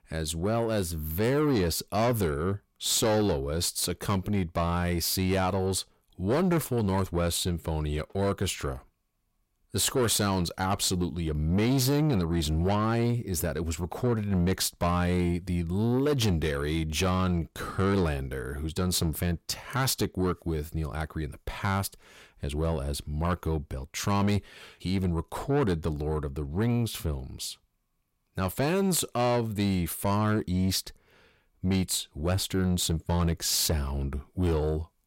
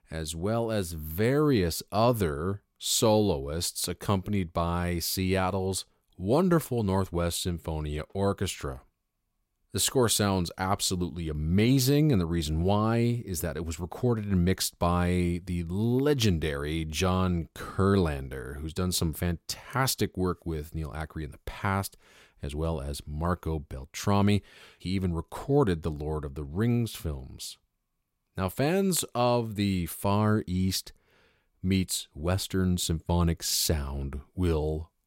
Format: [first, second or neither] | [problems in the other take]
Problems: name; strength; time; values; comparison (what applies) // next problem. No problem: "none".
second | distortion; slight; 10 dB below the speech